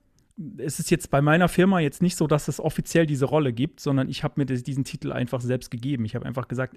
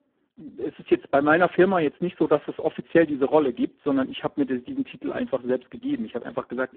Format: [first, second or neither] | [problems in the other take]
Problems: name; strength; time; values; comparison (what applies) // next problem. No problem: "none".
first | phone-call audio; poor line